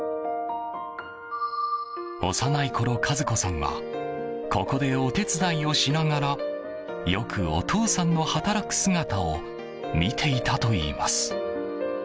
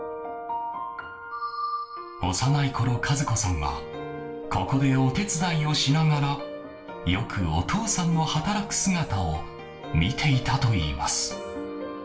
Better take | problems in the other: first | room echo; dies away in 0.3 s

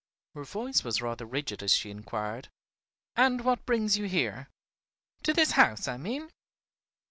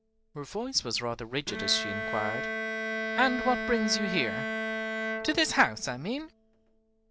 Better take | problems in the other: first | background sound (Bowed string instrument); 4 dB below the speech

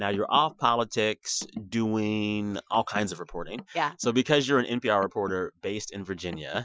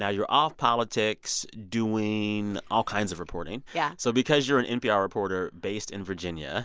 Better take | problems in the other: second | noise reduction (classical method Wiener filter)

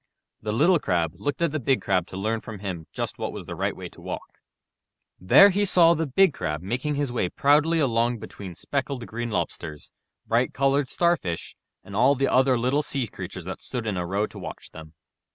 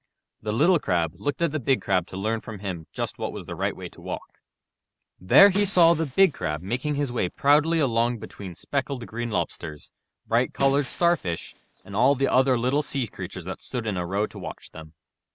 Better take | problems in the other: first | background sound (Shatter); 19 dB below the speech

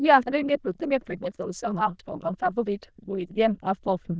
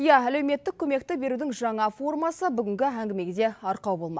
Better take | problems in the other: second | noise reduction (neural diffusion model UNIVERSE++)

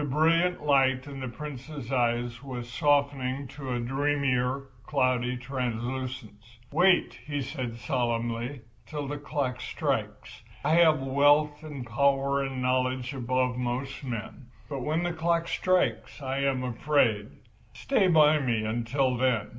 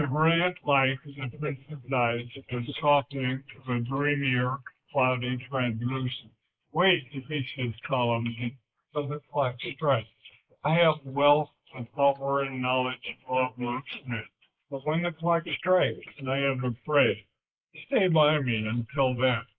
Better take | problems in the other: first | noise reduction (neural mask model Resemble Enhance denoiser)

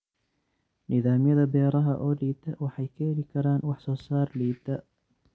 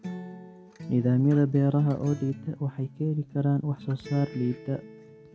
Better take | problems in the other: first | background sound (Acoustic guitar); 16 dB below the speech

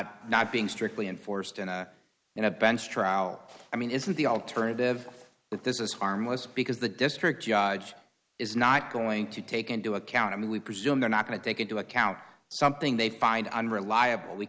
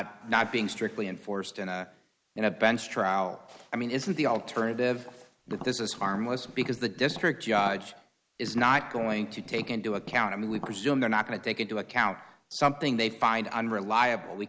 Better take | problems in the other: first | background sound (Tap); 15 dB below the speech

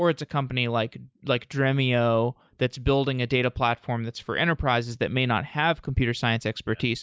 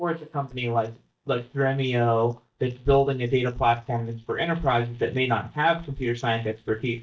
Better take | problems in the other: first | noise reduction (neural mask model DeepFilterNet 3)

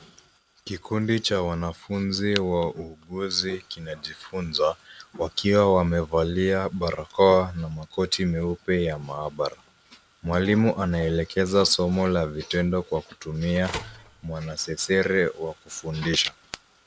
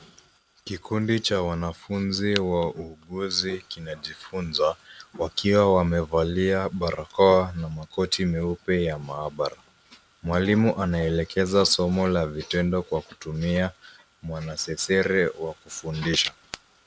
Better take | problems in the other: second | background sound (Telephone); 13 dB below the speech

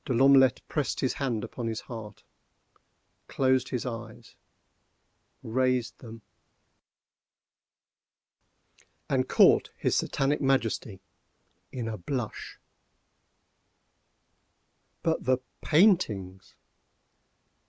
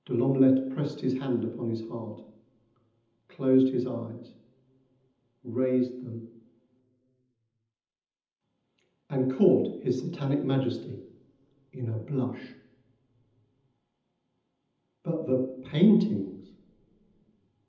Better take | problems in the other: first | room echo; dies away in 0.8 s

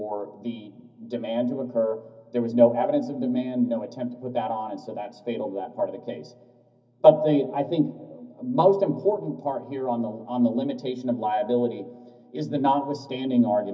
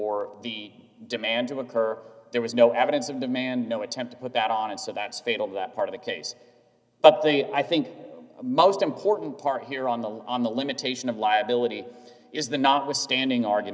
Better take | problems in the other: second | room echo; dies away in 0.4 s

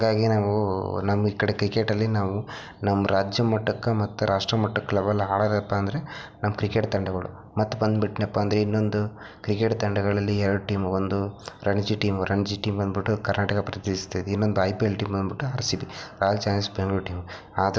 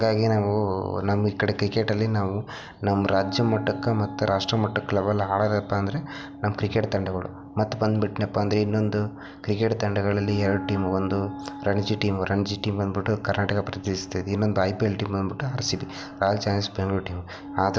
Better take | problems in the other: first | background sound (Wind instrument, woodwind instrument); 14 dB below the speech

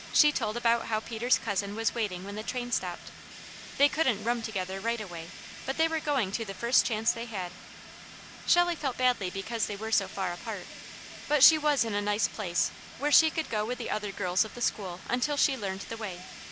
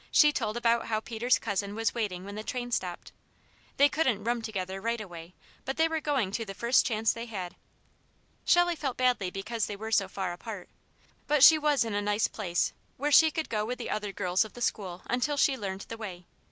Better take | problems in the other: second | background sound (Fire); 14 dB below the speech

